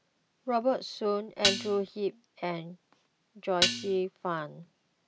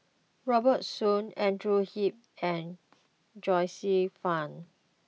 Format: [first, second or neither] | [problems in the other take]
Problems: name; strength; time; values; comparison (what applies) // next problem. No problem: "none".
second | background sound (Dishes, pots, and pans); 2 dB above the speech